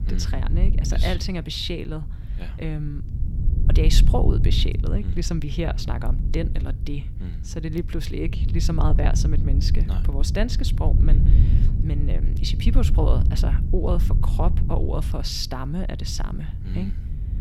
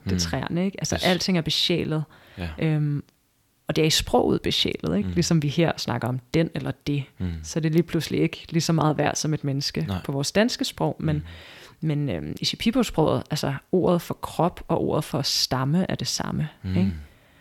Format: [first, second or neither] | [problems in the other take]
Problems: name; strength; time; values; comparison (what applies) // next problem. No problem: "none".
second | low rumble; loud; throughout; 8 dB below the speech